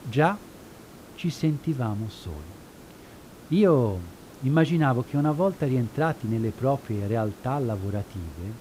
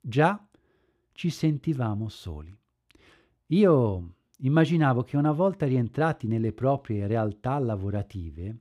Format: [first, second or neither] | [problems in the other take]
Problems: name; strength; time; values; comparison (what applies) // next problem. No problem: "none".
second | hiss; faint; throughout; 20 dB below the speech